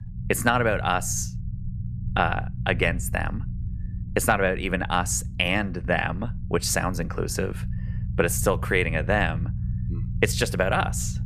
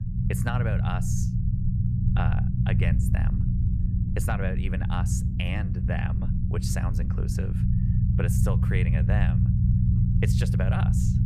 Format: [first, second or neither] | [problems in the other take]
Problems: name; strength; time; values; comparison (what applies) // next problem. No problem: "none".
first | low rumble; loud; throughout; 2 dB below the speech; faint in the first